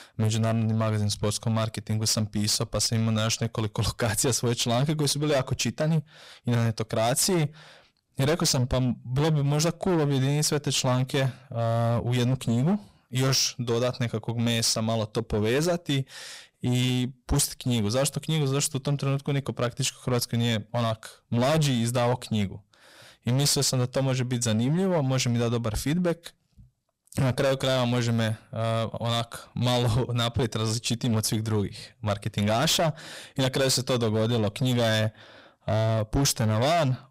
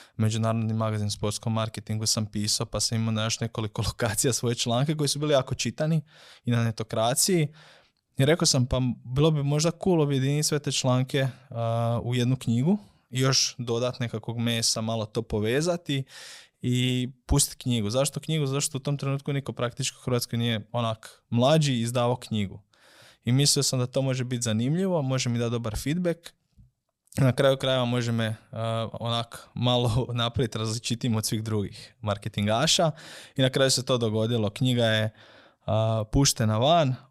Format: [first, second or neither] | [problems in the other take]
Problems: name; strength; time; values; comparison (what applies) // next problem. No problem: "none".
second | distortion; slight; 15% of the sound clipped